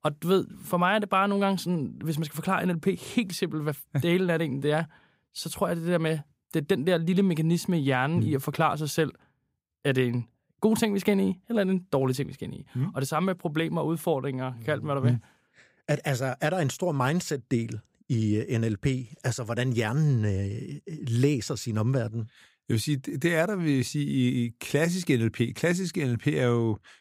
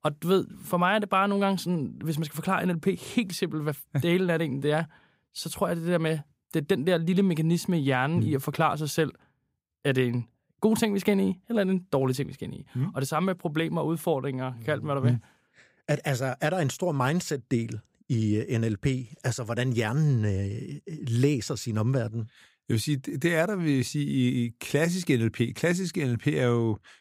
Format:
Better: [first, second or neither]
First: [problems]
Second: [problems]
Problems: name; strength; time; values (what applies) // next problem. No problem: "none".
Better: neither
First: none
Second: none